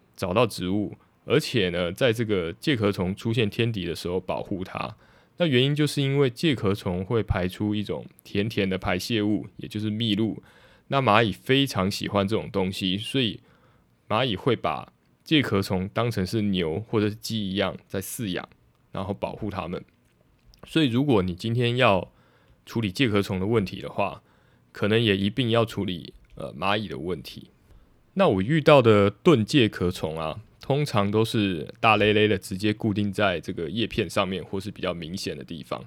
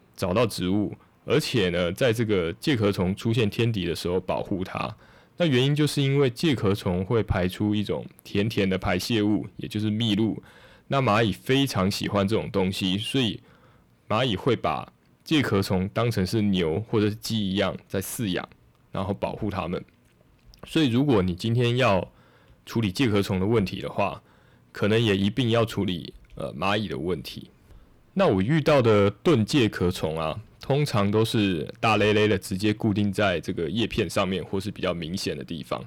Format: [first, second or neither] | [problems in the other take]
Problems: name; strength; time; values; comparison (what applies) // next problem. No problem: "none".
first | distortion; slight; 10 dB below the speech